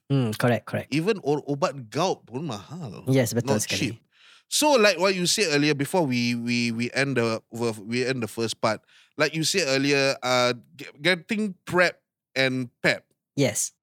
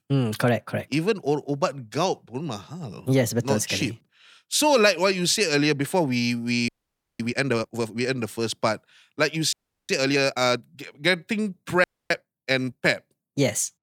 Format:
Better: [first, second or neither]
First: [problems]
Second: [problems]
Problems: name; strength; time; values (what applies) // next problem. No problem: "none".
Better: first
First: none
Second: audio freezing; at 6.5 s for 0.5 s, at 9.5 s and at 12 s